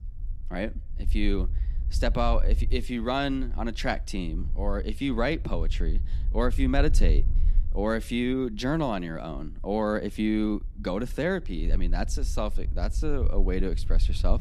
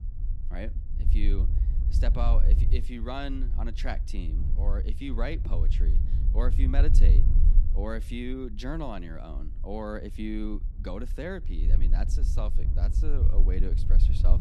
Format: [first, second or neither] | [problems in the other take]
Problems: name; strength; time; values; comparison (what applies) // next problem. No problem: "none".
first | low rumble; loud; throughout; 9 dB below the speech; faint in the first